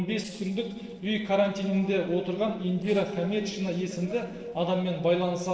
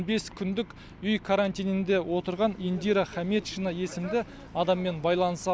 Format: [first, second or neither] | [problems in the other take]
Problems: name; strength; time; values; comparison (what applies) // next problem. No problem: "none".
second | noise reduction (neural separator model SepFormer DNS4)